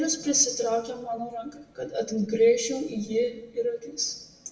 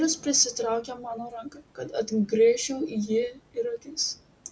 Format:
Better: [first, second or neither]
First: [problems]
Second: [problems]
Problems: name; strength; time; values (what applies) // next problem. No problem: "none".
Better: second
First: room echo; dies away in 0.8 s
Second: none